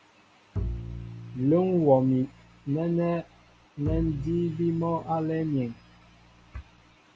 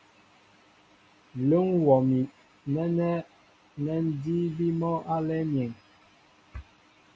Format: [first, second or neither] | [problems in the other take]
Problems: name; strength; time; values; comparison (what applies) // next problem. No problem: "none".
second | background sound (Bowed string instrument); 11 dB below the speech